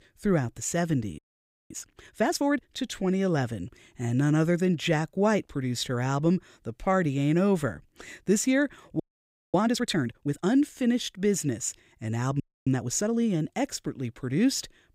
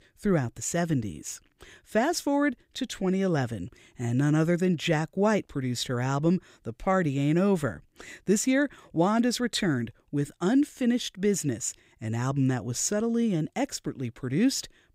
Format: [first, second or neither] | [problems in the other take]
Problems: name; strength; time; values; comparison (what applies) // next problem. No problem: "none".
second | audio freezing; at 1 s for 0.5 s, at 9 s for 0.5 s and at 12 s